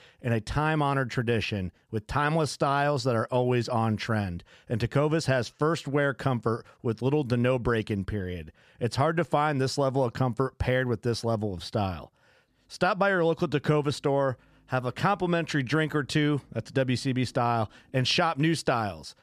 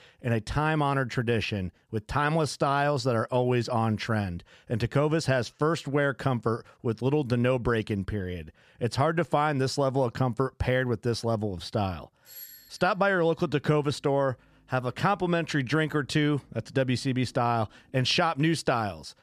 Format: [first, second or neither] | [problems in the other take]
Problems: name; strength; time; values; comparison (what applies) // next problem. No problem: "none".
first | doorbell; faint; at 12 s; peak 15 dB below the speech